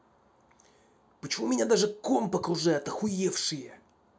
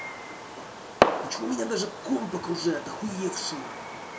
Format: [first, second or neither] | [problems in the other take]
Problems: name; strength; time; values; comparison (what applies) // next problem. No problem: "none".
first | background sound (Fireworks); 1 dB above the speech // room echo; dies away in 0.2 s